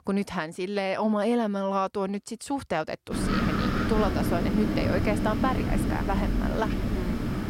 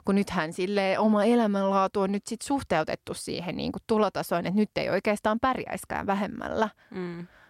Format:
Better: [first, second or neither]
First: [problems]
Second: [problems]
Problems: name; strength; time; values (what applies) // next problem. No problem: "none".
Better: second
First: wind noise on the microphone; heavy; from 3 s on; 3 dB below the speech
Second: none